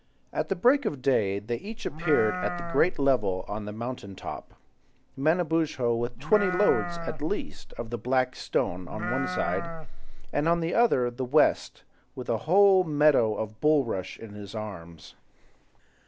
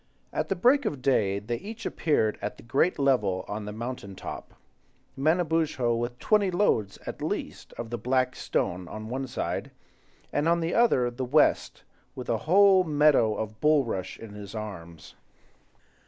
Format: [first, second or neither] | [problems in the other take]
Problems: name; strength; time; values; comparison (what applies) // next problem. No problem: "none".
second | background sound (Livestock, farm animals, working animals); 4 dB below the speech